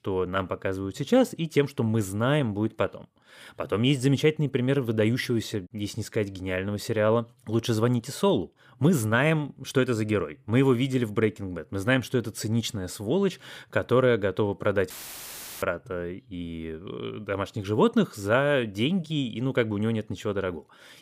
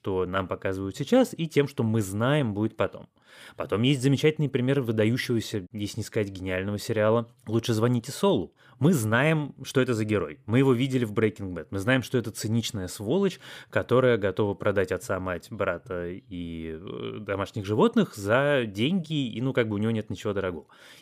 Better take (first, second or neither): second